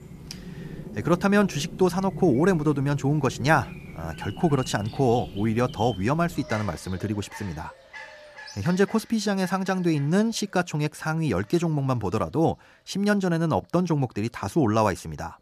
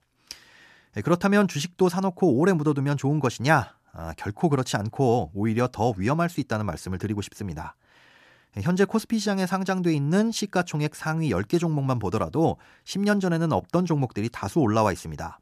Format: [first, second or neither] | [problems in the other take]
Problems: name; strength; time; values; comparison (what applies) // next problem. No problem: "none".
second | animal sounds; noticeable; throughout; 15 dB below the speech